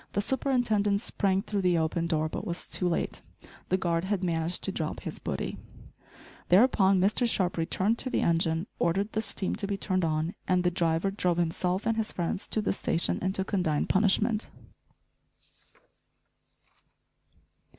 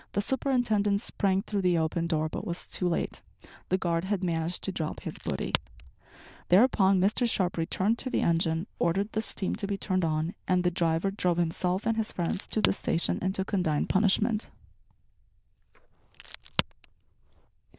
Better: first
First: none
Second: noise reduction (neural diffusion model UNIVERSE++)

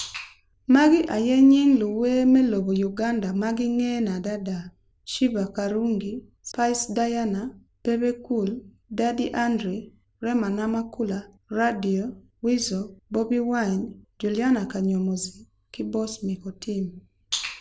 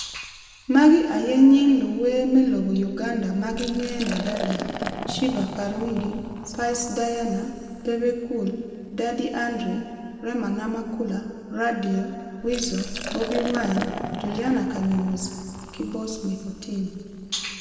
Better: first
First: none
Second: background sound (Liquid); 13 dB below the speech // room echo; dies away in 2.2 s

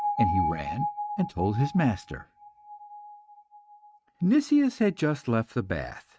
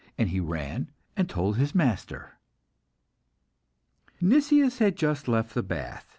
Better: second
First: noise reduction (neural mask model RNNoise)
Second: none

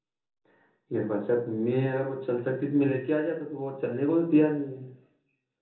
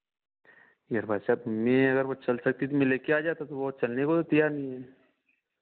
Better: second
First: room echo; dies away in 1.2 s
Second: none

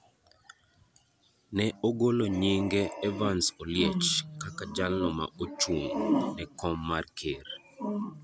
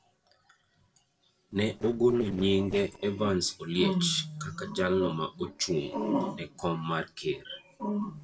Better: first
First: none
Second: noise reduction (neural separator model SepFormer DNS4)

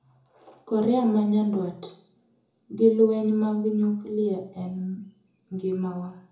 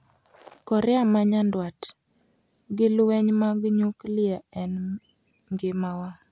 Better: second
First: room echo; dies away in 0.6 s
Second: none

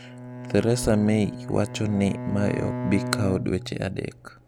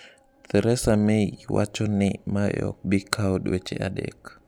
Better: second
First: background sound (Bowed string instrument); 8 dB below the speech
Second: none

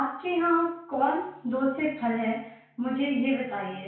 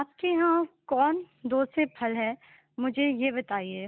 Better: second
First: room echo; dies away in 0.5 s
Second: none

